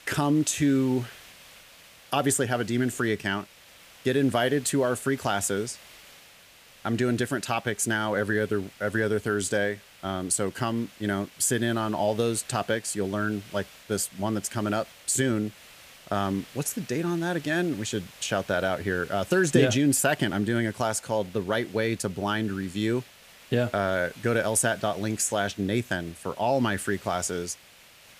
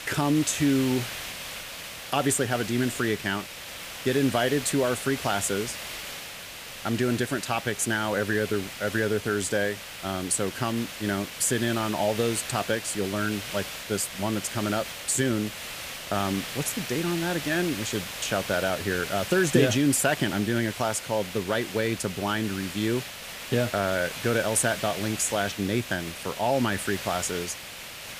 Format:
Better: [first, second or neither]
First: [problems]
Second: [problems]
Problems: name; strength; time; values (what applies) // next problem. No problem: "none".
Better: first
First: hiss; faint; throughout; 20 dB below the speech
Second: hiss; loud; throughout; 8 dB below the speech